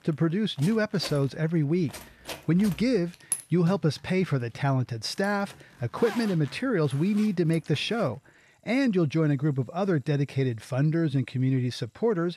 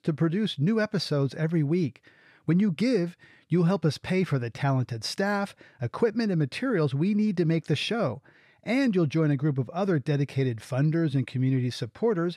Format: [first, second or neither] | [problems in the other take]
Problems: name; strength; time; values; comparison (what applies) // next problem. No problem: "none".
second | household noises; noticeable; throughout; 15 dB below the speech